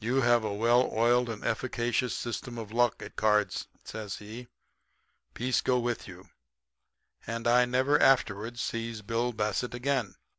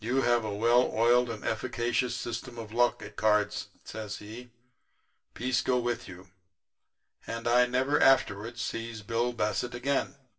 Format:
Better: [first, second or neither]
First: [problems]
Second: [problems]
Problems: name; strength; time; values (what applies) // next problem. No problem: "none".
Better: first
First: none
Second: room echo; dies away in 0.2 s